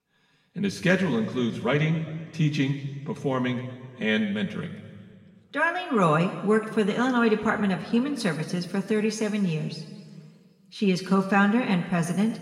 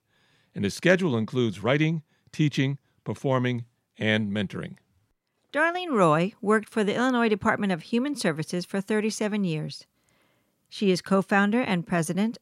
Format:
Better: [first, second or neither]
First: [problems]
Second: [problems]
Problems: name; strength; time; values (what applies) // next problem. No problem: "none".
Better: second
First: room echo; noticeable; dies away in 1.6 s // off-mic speech; somewhat distant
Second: none